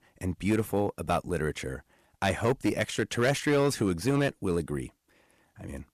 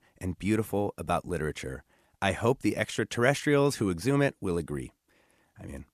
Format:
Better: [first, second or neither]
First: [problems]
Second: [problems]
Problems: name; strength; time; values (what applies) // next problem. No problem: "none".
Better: second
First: distortion; slight; 5% of the sound clipped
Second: none